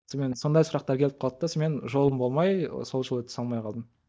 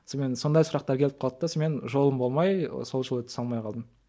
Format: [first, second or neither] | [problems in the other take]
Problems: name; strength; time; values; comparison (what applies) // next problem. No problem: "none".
second | noise reduction (neural mask model DeepFilterNet 3)